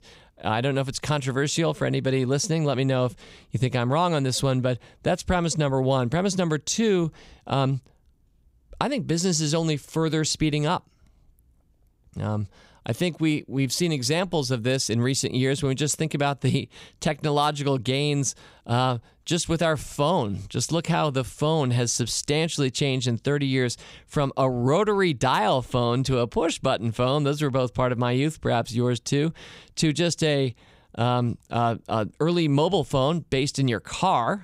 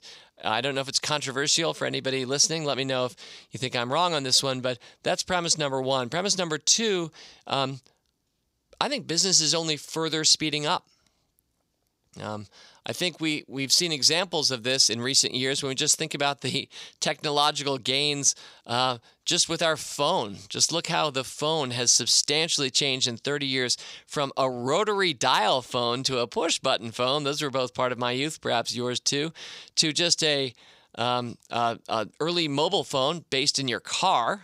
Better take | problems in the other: first | thin; somewhat; fading below 1 kHz

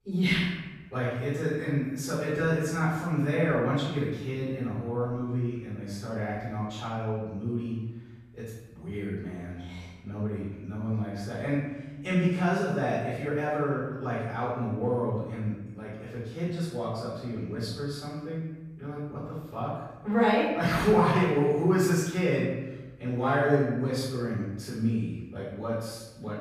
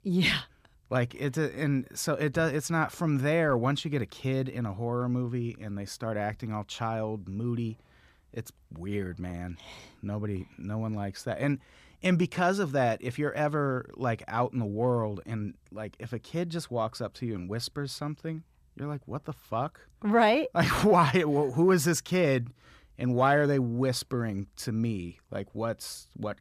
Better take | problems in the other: second | off-mic speech; far // room echo; strong; dies away in 1 s

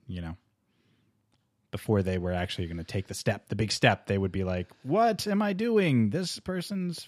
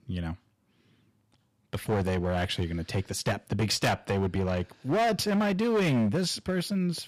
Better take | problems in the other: first | distortion; heavy; 11% of the sound clipped

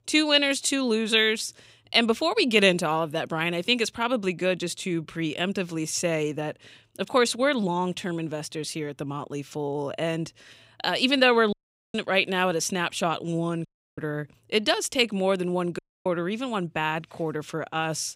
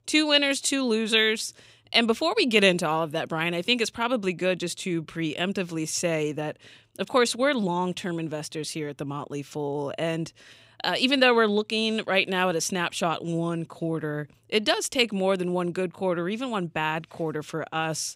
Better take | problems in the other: second | audio cutting out; at 12 s, at 14 s and at 16 s

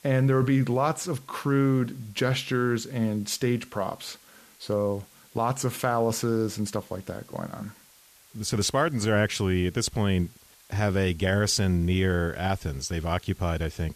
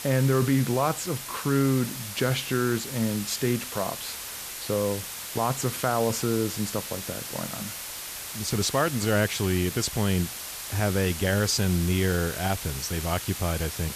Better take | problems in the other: first | hiss; loud; throughout; 7 dB below the speech; faint in the first

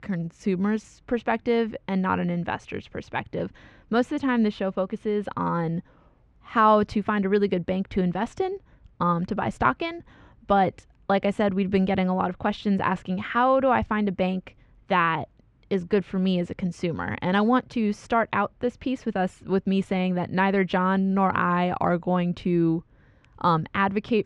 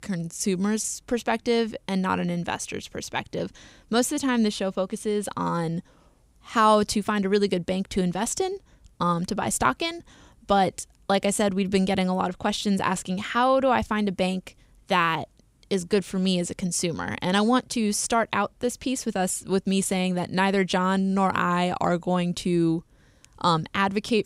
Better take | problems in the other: second | muffled; very; fading above 2 kHz

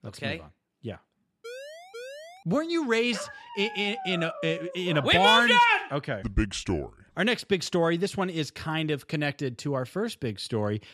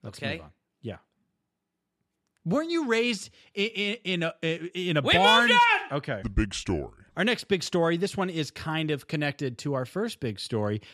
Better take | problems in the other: second | siren; faint; at 1.5 s; peak 15 dB below the speech // dog barking; faint; from 3 to 5 s; peak 10 dB below the speech

